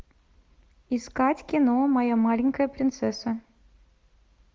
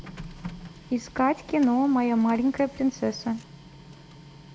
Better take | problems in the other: first | background sound (Printer); 17 dB below the speech

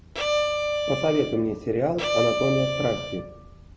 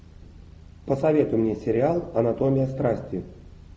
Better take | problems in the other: second | background sound (Bowed string instrument); 1 dB below the speech

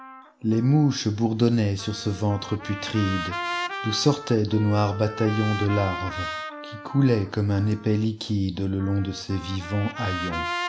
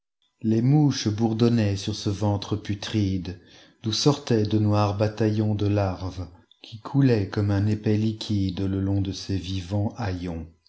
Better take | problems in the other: second | background sound (Trumpet); 11 dB below the speech

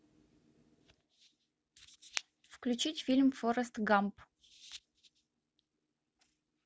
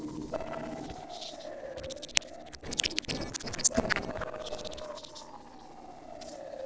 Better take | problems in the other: first | noise reduction (neural separator model SepFormer DNS4)

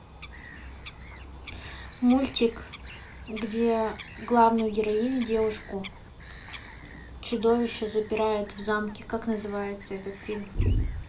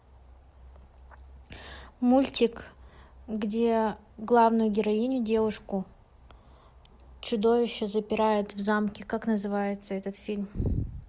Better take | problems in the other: second | background sound (Bird vocalization, bird call, bird song); 17 dB below the speech // room echo; dies away in 0.3 s

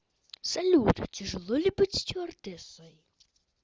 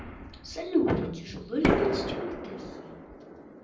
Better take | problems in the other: first | background sound (Fireworks); 1 dB below the speech // room echo; dies away in 0.6 s

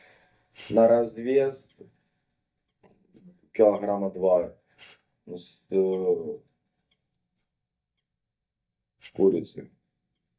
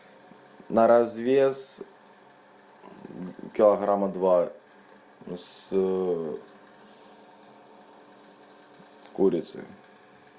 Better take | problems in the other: second | noise reduction (neural mask model DeepFilterNet 3)

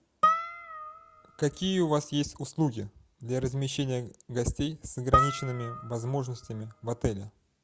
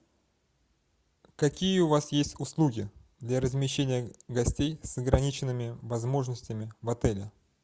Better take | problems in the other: second | background sound (Harp); 1 dB below the speech

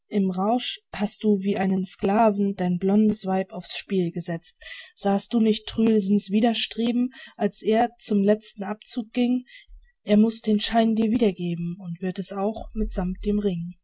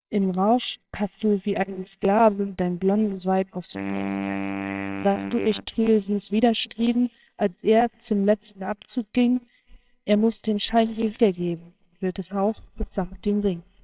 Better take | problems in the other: first | noise reduction (neural separator model SepFormer WHAMR!)

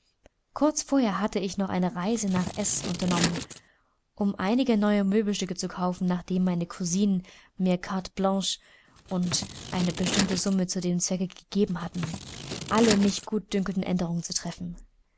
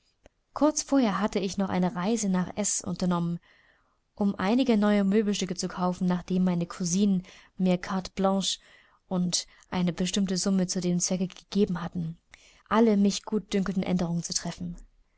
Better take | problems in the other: second | background sound (Scissors); 7 dB below the speech

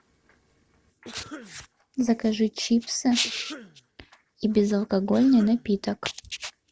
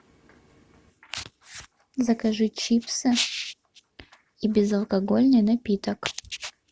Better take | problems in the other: second | noise reduction (neural separator model SepFormer DNS4)

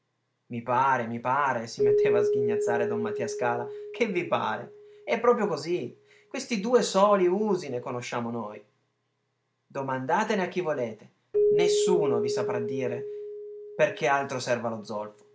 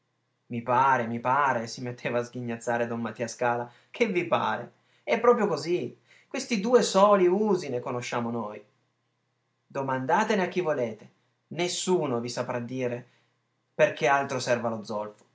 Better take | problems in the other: second | background sound (Keyboard (musical)); 3 dB below the speech

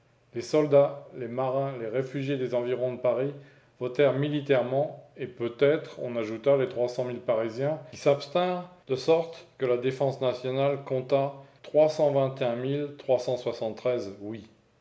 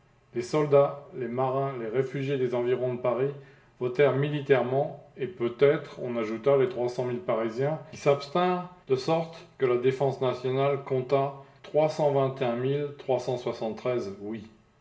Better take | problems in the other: first | room echo; dies away in 0.2 s

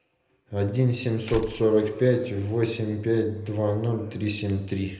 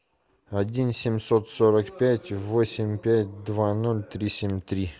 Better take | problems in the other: second | background sound (Slam); 13 dB below the speech // room echo; dies away in 0.7 s

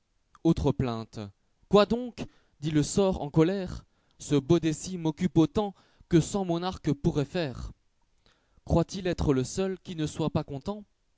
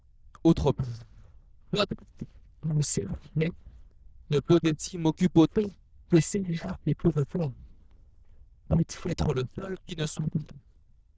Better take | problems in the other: first | noise reduction (neural diffusion model UNIVERSE++)

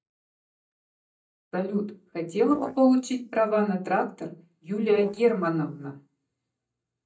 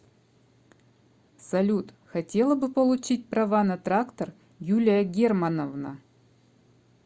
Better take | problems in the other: second | noise reduction (neural mask model DeepFilterNet 3)

